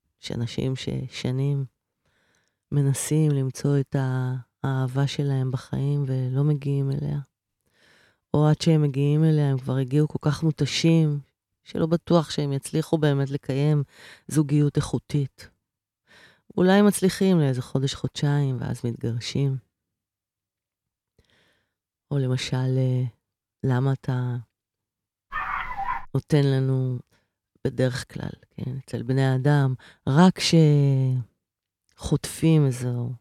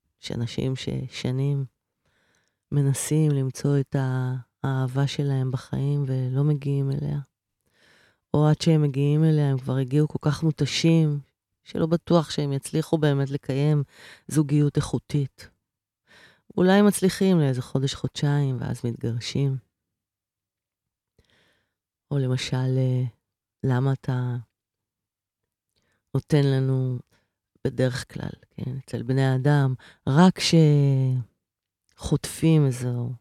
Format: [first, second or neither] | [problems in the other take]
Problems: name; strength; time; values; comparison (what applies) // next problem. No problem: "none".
second | dog barking; noticeable; at 25 s; peak 5 dB below the speech